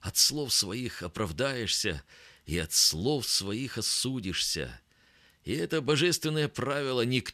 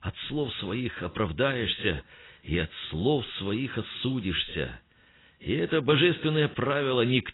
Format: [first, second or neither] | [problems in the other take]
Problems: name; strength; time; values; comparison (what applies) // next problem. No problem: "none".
first | garbled, watery; badly; nothing above 4 kHz